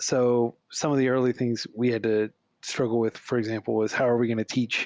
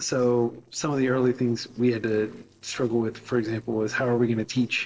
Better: first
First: none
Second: noise reduction (neural separator model SepFormer DNS4)

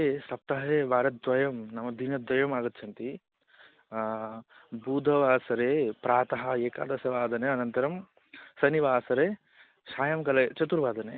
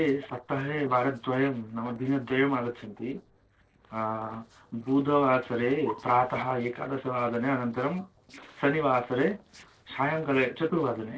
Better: first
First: none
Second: noise reduction (neural separator model SepFormer DNS4)

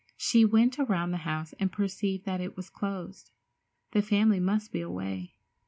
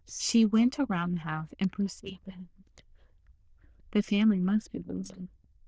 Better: first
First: none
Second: noise reduction (neural diffusion model UNIVERSE++)

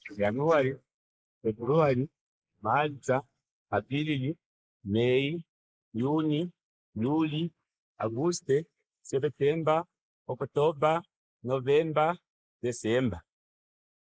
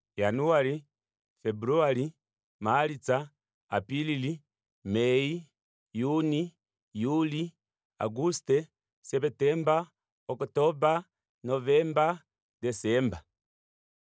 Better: second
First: noise reduction (neural mask model Resemble Enhance denoiser)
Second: none

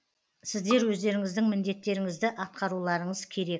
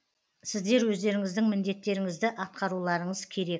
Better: second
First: background sound (Bowed string instrument); 15 dB below the speech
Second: none

